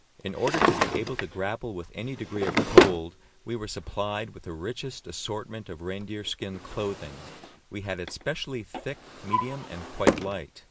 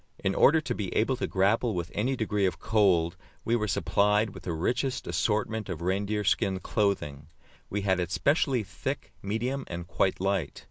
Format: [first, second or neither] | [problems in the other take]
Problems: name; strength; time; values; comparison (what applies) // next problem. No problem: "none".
second | background sound (Drawer open or close); 4 dB above the speech